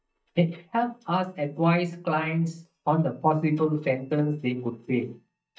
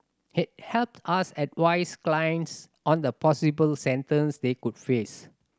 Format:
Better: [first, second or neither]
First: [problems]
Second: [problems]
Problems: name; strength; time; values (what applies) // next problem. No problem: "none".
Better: second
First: noise reduction (neural mask model DeepFilterNet 3)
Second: none